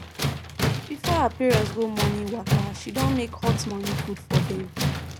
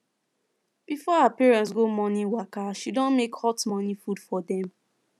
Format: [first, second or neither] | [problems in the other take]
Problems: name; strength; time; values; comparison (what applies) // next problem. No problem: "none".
second | background sound (Tools); 2 dB above the speech